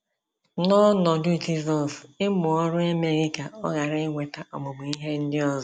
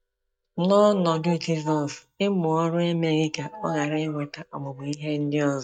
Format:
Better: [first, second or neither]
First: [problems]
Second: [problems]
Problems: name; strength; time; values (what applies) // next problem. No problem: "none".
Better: first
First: none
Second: noise reduction (neural mask model DeepFilterNet 3)